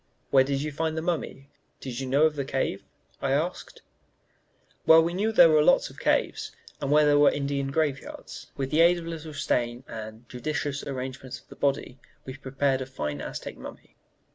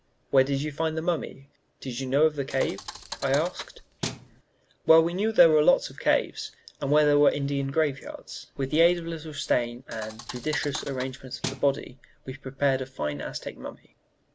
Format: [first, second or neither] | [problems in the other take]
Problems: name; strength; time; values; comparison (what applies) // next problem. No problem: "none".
first | background sound (Thump, thud); 12 dB below the speech